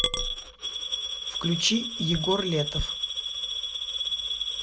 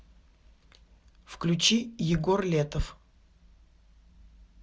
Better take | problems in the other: second | background sound (Coin (dropping) / Glass); as loud as the speech

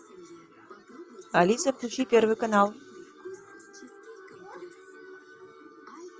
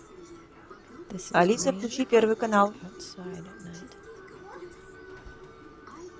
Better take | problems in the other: first | background sound (Rain); 16 dB below the speech

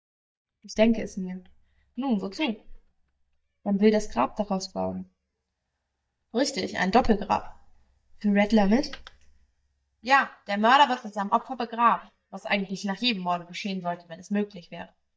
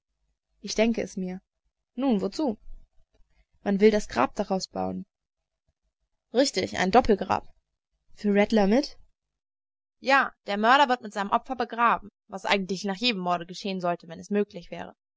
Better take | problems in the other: second | noise reduction (neural mask model DeepFilterNet 3)

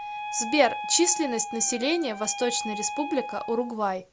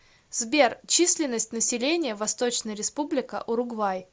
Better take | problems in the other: second | background sound (Wind instrument, woodwind instrument); 8 dB below the speech

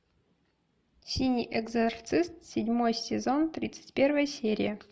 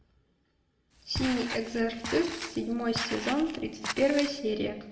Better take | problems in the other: first | background sound (Walk, footsteps); 8 dB below the speech // room echo; dies away in 0.8 s

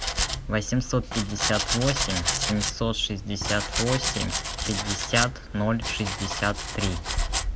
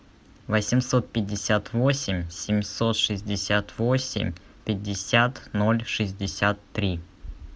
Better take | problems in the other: second | background sound (Domestic sounds, home sounds); 1 dB below the speech

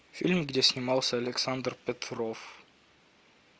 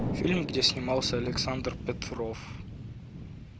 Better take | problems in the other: first | background sound (Thunder); 4 dB below the speech

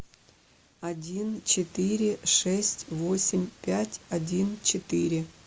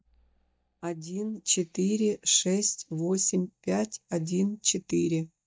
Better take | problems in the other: first | noise reduction (neural mask model DeepFilterNet 3)

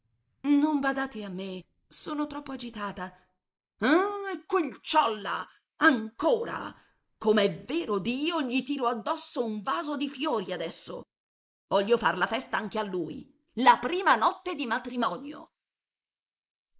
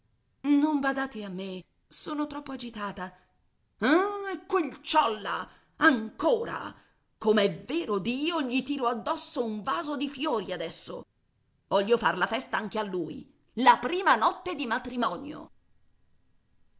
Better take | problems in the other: second | noise reduction (neural mask model Resemble Enhance denoiser)

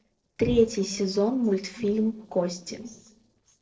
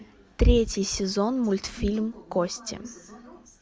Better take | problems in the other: second | noise reduction (neural separator model SepFormer DNS4)

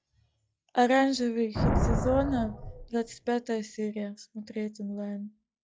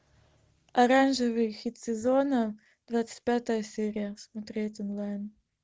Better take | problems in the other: second | noise reduction (classical method log-MMSE)

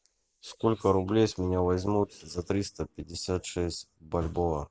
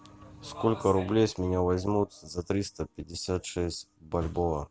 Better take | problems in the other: second | noise reduction (neural mask model Resemble Enhance denoiser)

